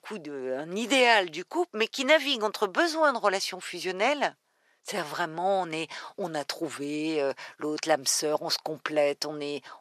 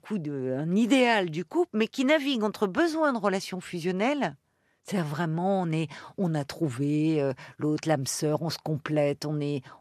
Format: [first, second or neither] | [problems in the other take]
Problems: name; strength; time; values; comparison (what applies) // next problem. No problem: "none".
second | thin; somewhat; fading below 500 Hz